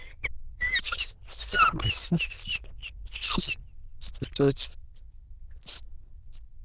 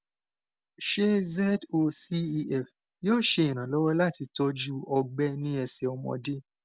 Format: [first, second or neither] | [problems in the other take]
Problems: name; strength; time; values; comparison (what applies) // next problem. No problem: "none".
second | noise reduction (neural diffusion model UNIVERSE++)